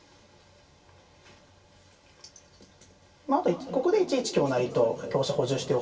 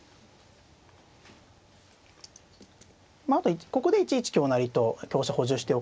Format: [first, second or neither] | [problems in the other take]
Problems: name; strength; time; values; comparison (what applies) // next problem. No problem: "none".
second | room echo; dies away in 2.4 s